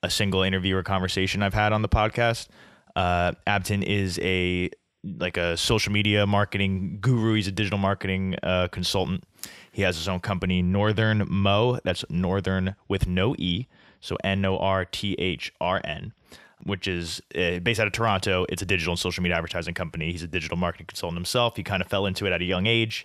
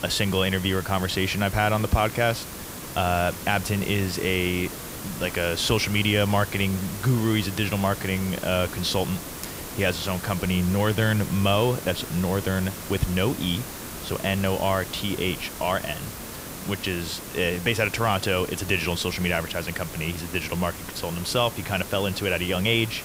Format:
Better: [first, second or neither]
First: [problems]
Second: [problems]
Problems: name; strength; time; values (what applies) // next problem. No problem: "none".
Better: first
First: none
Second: hiss; loud; throughout; 10 dB below the speech